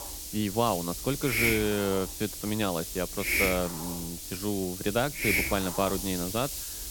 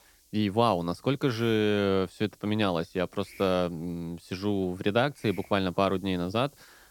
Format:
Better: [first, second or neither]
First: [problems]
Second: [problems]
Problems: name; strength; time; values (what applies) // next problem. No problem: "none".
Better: second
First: hiss; loud; throughout; 1 dB below the speech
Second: hiss; faint; throughout; 25 dB below the speech